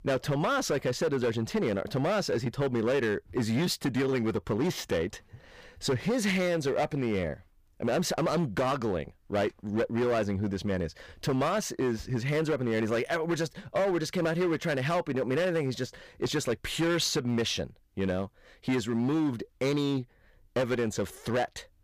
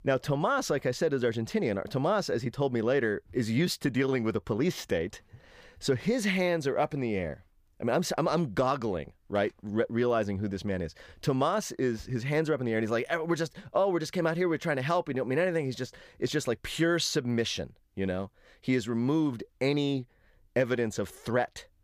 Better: second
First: distortion; slight; 12% of the sound clipped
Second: none

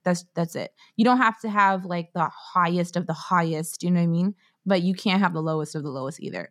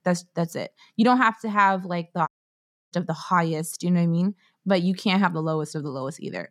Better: first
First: none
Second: audio cutting out; at 2.5 s for 0.5 s

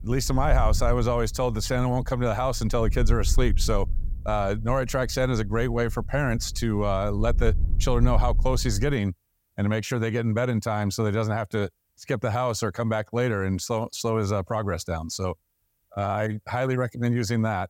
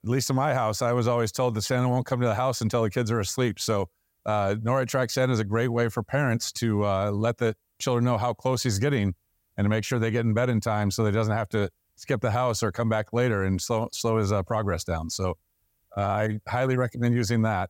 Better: second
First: wind noise on the microphone; occasional gusts; until 9 s; 25 dB below the speech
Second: none

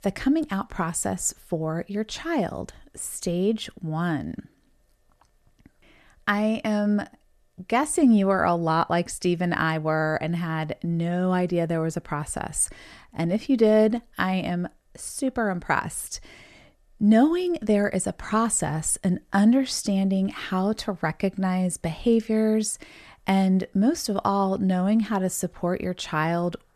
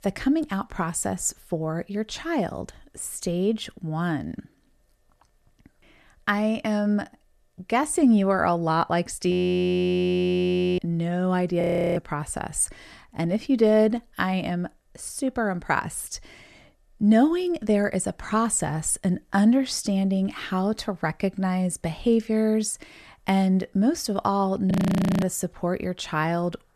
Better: first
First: none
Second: audio freezing; at 9.5 s for 1.5 s, at 12 s and at 25 s for 0.5 s

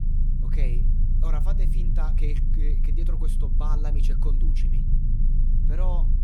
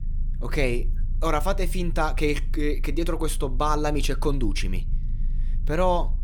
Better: second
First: low rumble; loud; throughout; 3 dB below the speech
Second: low rumble; faint; throughout; 25 dB below the speech

